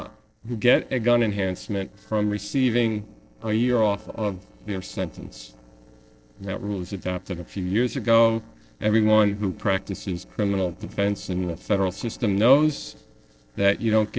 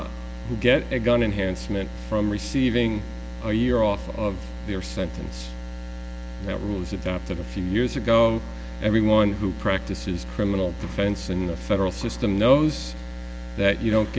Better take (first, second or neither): second